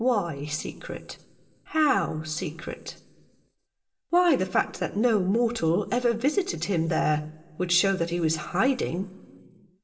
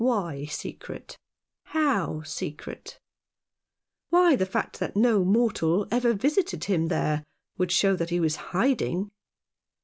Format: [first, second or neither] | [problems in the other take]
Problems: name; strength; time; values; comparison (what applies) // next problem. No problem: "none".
second | room echo; dies away in 1.8 s